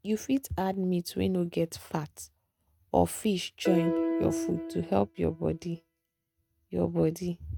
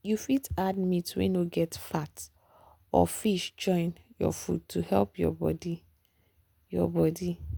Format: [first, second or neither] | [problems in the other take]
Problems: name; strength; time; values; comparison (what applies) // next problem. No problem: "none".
second | noise reduction (neural mask model RNNoise)